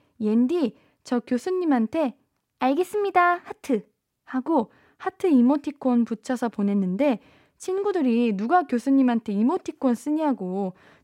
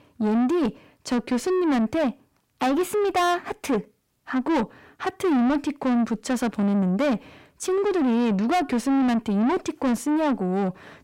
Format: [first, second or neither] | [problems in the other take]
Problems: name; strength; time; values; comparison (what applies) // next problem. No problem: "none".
first | distortion; heavy; 8 dB below the speech